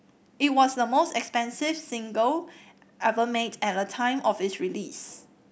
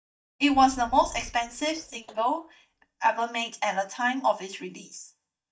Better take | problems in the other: first | noise reduction (neural mask model DeepFilterNet 3)

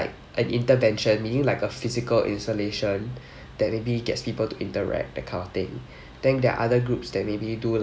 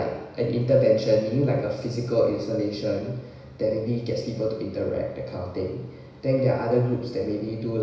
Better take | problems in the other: first | room echo; dies away in 1 s

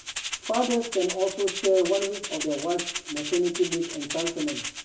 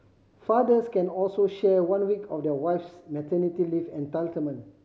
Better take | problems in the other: second | background sound (Rattle (instrument)); 7 dB below the speech // room echo; dies away in 0.3 s

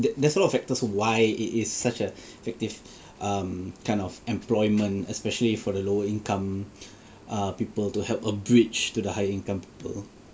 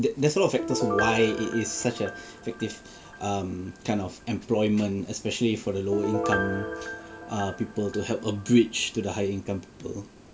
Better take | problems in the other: first | background sound (Piano); 8 dB below the speech

